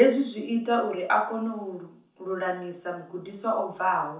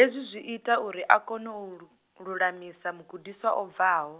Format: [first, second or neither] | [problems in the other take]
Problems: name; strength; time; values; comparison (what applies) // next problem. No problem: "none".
second | room echo; dies away in 0.9 s